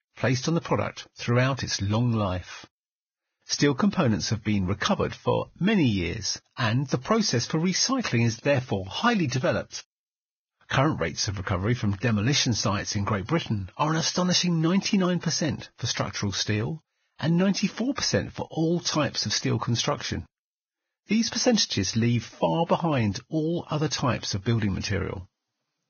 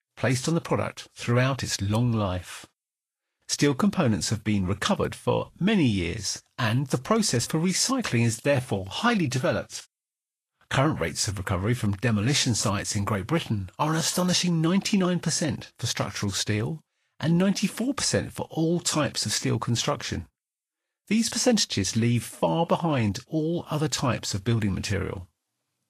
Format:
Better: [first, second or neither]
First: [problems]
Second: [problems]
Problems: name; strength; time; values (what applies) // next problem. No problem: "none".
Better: second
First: garbled, watery; badly; nothing above 6.5 kHz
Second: garbled, watery; slightly; nothing above 12.5 kHz